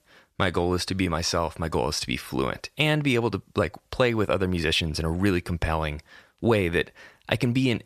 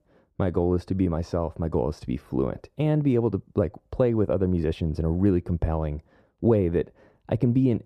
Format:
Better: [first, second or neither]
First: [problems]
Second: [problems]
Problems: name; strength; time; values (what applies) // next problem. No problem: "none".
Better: first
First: none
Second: muffled; very; fading above 1 kHz